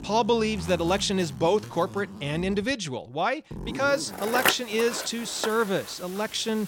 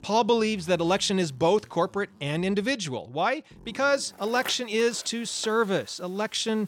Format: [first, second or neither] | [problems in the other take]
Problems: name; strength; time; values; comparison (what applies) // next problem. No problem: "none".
second | household noises; loud; throughout; 7 dB below the speech; faint in the second